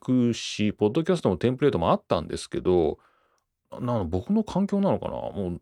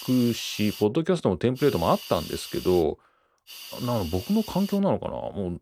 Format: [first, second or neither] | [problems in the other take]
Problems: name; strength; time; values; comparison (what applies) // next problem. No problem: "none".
first | hiss; noticeable; at the start, from 1.5 to 3 s and from 3.5 to 5 s; 15 dB below the speech